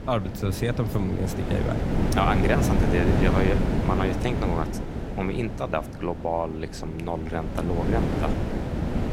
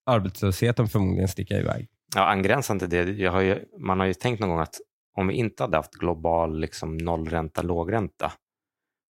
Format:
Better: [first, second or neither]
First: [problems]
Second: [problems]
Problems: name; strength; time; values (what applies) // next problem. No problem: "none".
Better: second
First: wind noise on the microphone; heavy; 2 dB below the speech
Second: none